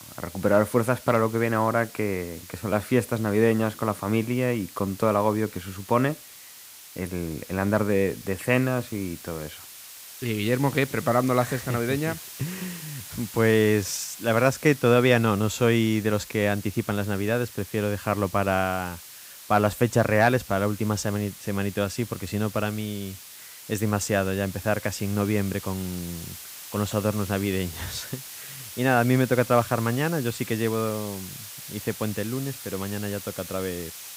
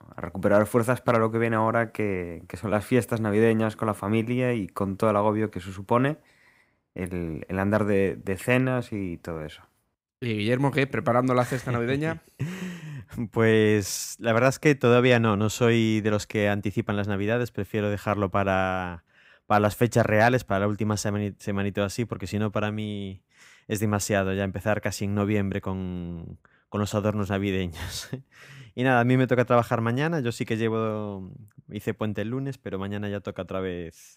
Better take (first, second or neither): second